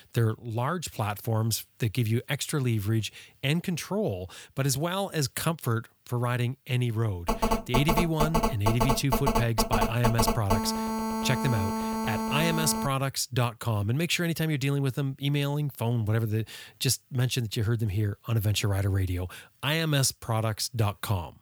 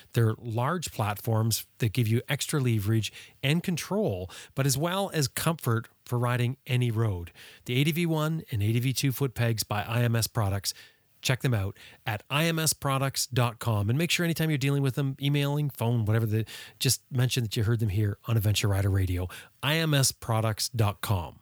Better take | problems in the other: second | phone ringing; loud; from 7.5 to 13 s; peak 1 dB above the speech

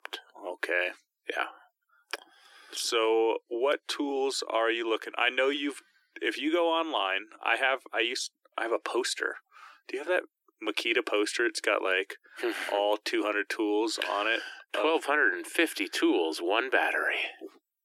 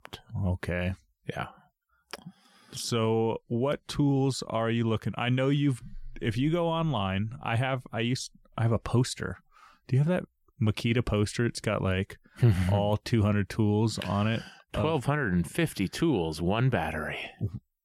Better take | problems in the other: second | thin; very; fading below 300 Hz

